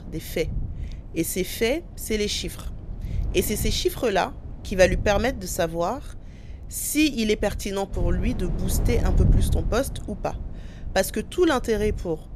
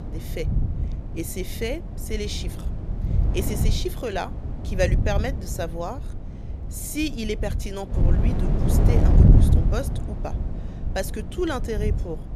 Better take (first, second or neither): first